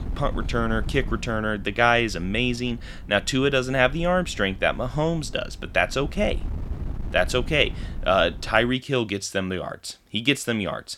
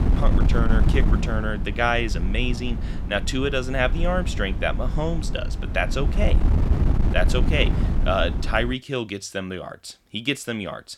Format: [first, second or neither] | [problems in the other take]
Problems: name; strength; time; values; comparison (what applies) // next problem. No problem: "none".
first | wind noise on the microphone; heavy; until 8.5 s; 10 dB below the speech; occasional gusts in the first